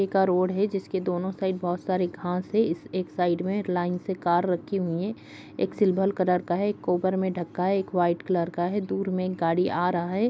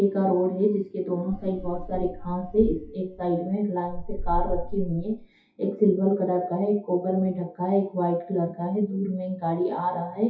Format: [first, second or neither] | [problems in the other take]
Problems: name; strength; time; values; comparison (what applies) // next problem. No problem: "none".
first | noise reduction (classical method WPE with log-MMSE)